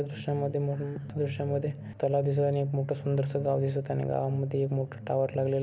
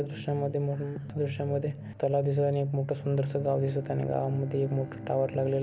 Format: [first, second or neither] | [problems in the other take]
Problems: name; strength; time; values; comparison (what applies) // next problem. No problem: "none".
first | background sound (Bowed string instrument); 18 dB below the speech